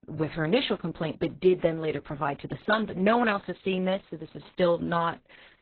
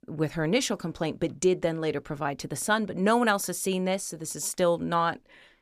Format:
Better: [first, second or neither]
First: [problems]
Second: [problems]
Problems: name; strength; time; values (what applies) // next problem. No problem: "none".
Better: second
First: garbled, watery; badly; nothing above 4 kHz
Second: none